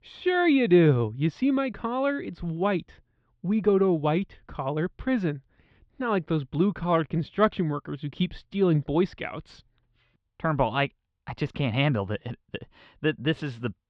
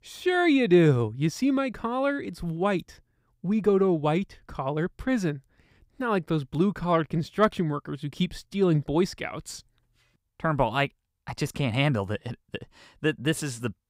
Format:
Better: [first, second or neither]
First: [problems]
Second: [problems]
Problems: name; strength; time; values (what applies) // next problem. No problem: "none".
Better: second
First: muffled; slightly; fading above 3.5 kHz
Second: none